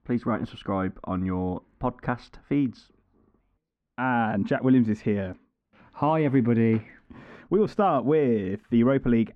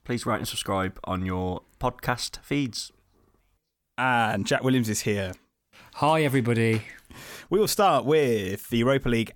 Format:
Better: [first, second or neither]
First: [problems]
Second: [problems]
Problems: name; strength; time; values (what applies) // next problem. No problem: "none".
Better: second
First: muffled; very; fading above 1.5 kHz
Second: none